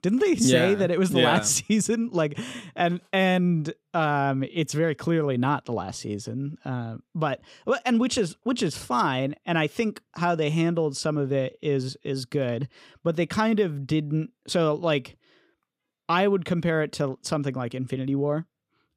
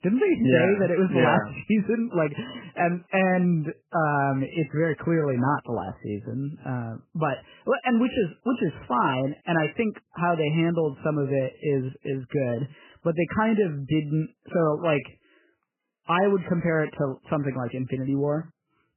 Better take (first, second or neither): first